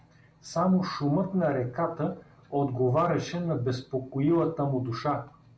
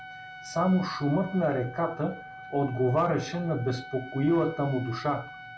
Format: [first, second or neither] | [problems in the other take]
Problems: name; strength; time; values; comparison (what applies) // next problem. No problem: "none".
first | background sound (Trumpet); 15 dB below the speech